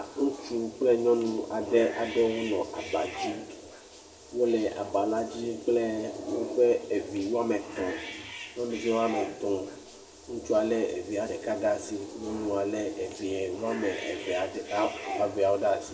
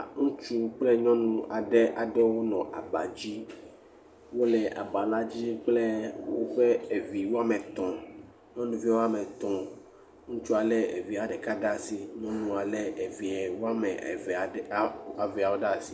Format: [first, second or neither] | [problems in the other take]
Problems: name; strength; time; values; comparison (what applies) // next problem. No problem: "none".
second | background sound (Bathtub (filling or washing) / Cat); 15 dB below the speech // room echo; dies away in 1.4 s